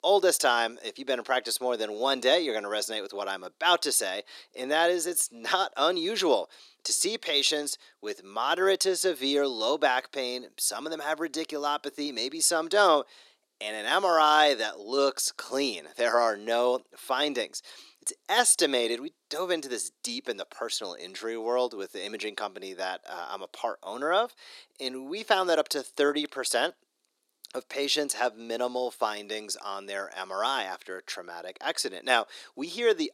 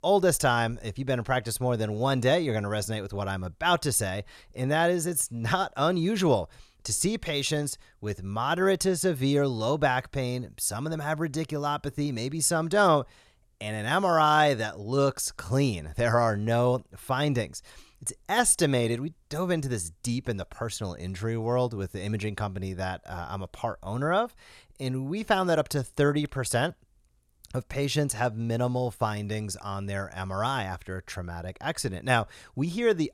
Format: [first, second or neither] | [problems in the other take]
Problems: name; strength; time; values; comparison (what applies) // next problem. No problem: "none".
second | thin; somewhat; fading below 300 Hz